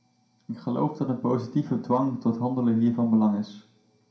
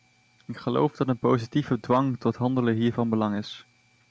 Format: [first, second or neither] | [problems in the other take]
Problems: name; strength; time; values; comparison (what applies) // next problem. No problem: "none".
second | room echo; dies away in 0.5 s